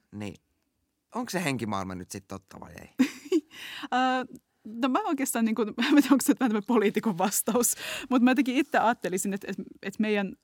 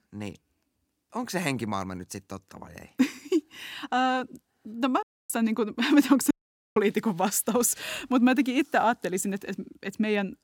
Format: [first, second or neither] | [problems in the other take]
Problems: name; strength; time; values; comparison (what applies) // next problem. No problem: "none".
first | audio cutting out; at 5 s and at 6.5 s